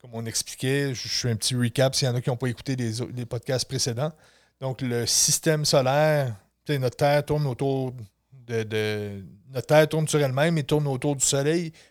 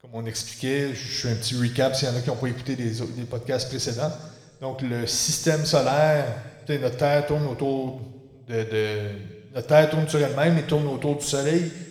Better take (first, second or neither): first